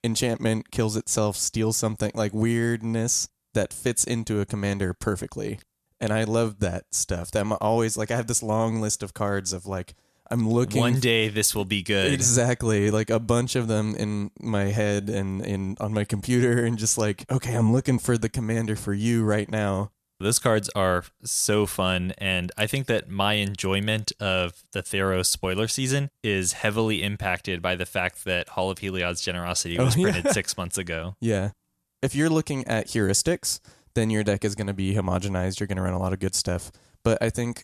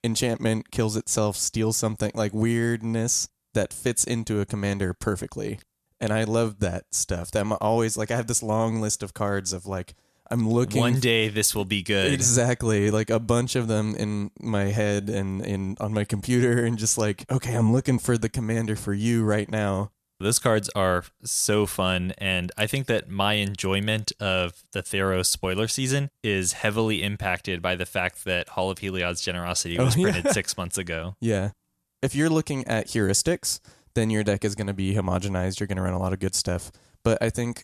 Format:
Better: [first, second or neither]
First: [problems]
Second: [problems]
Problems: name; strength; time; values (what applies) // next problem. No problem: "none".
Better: neither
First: none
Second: none